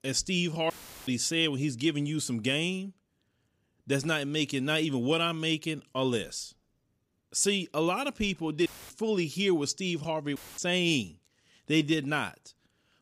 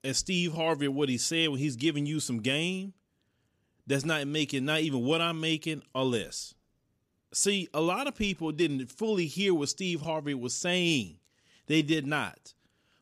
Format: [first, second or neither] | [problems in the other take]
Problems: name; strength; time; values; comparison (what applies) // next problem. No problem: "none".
second | audio cutting out; filled with static; at 0.5 s, at 8.5 s and at 10 s